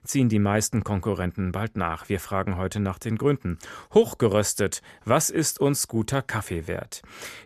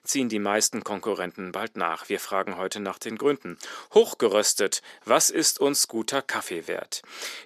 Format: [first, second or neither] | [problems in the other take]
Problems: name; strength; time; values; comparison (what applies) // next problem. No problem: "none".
first | thin; somewhat; fading below 300 Hz